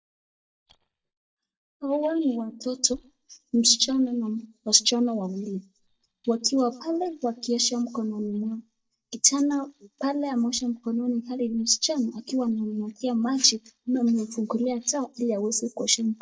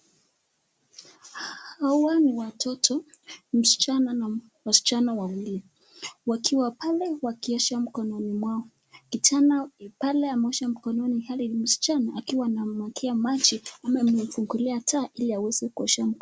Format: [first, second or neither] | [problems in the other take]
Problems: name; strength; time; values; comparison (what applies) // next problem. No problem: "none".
second | noise reduction (neural mask model DeepFilterNet 3)